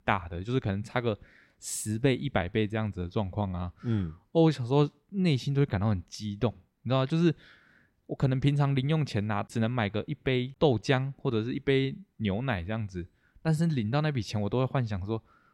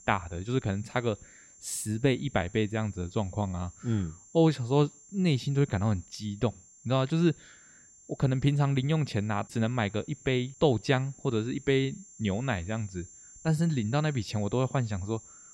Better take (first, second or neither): first